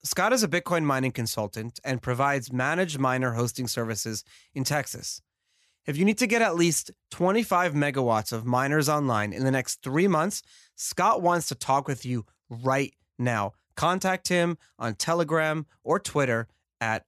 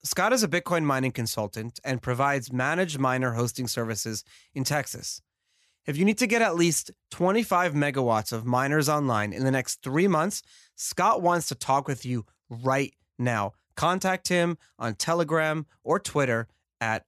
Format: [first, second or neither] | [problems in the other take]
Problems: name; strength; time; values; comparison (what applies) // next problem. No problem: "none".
neither | none